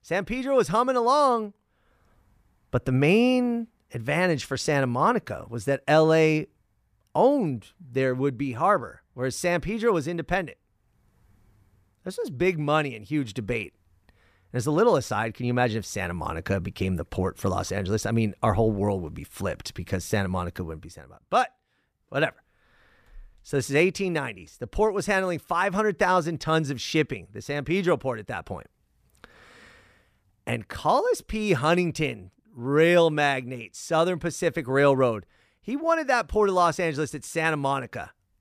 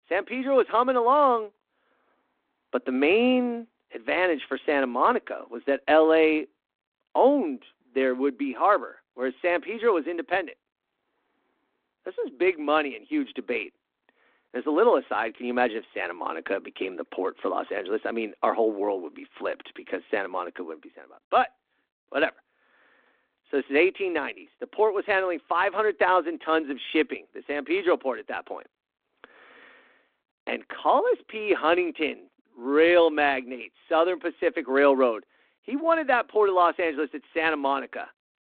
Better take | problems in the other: first | phone-call audio

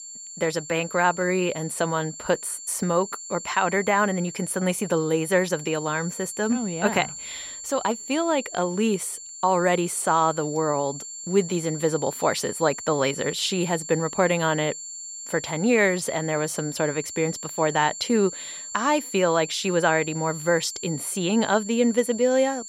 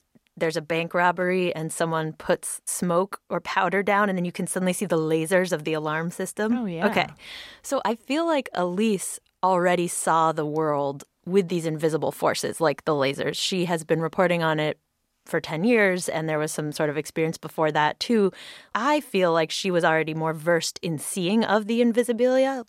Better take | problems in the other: second | high-pitched whine; noticeable; throughout; 7.5 kHz, 10 dB below the speech

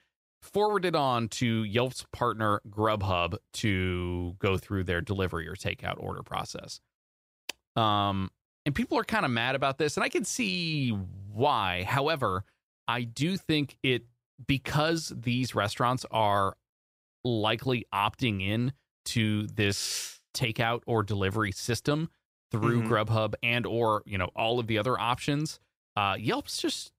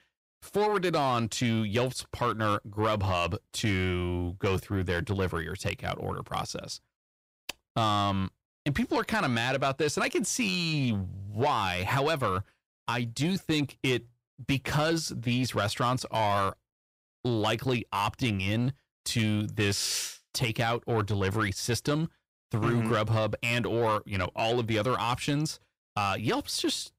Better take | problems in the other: first | distortion; slight; 10 dB below the speech

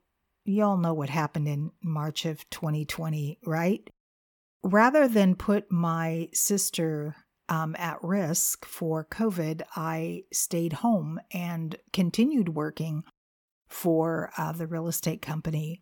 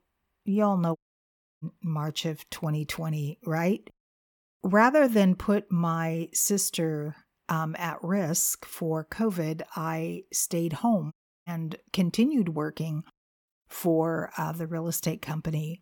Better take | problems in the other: first | audio cutting out; at 1 s for 0.5 s and at 11 s

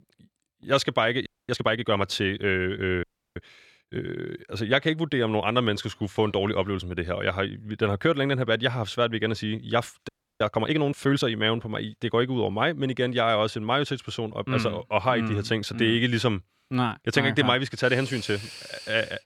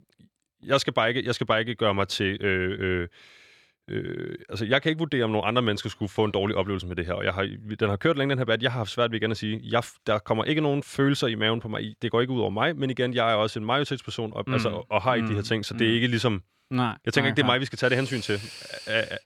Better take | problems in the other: second | audio freezing; at 1.5 s, at 3 s and at 10 s

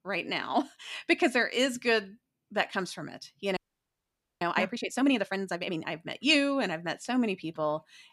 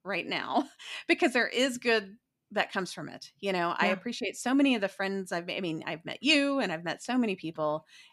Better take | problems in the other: second | audio freezing; at 3.5 s for 1 s

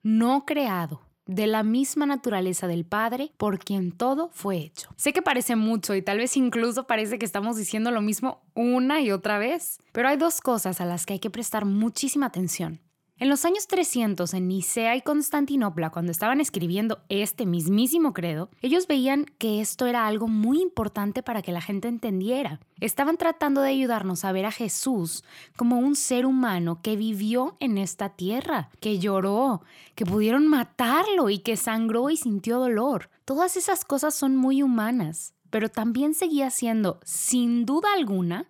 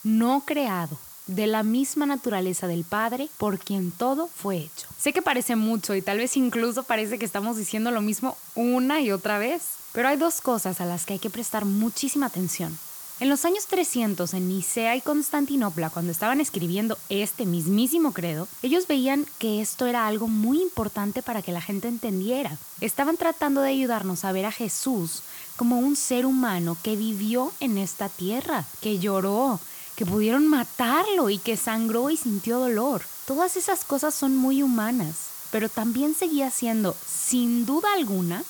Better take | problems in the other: first | hiss; noticeable; throughout; 10 dB below the speech

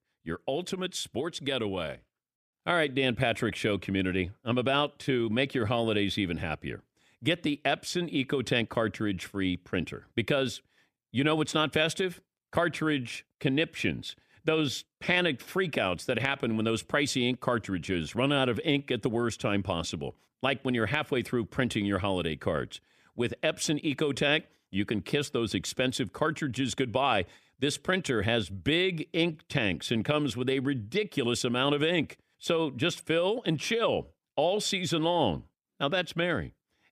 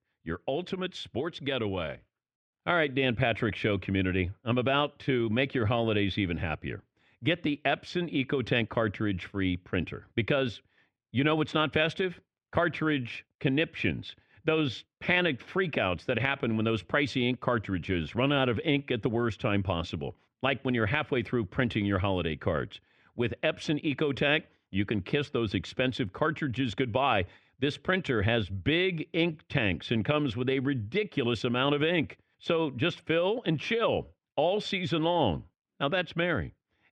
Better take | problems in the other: first | muffled; slightly; fading above 2.5 kHz

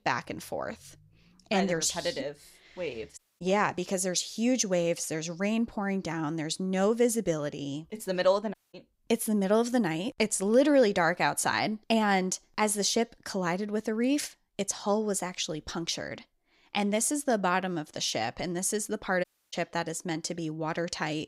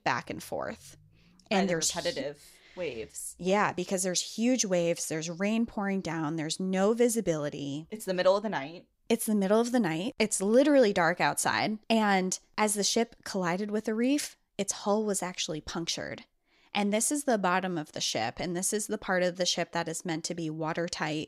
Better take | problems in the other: second | audio cutting out; at 3 s, at 8.5 s and at 19 s

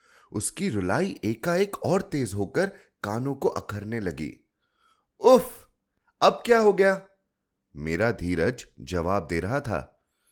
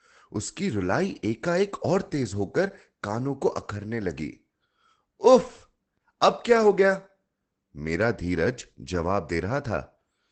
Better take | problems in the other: first | garbled, watery; badly; nothing above 8 kHz; slightly in the first

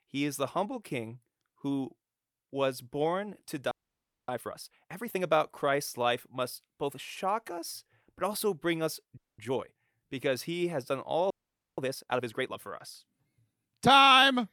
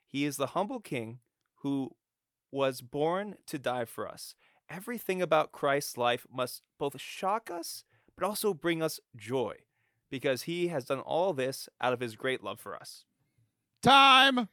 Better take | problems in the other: second | audio freezing; at 3.5 s for 0.5 s, at 9 s and at 11 s

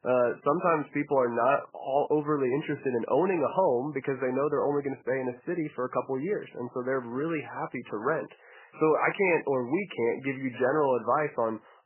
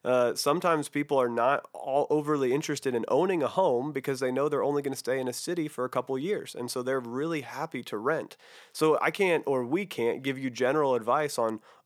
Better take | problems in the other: second | garbled, watery; badly; nothing above 2.5 kHz

